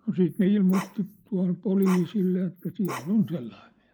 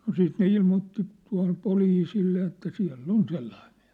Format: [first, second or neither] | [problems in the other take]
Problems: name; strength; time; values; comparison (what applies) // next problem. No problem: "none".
second | noise reduction (neural mask model Resemble Enhance denoiser)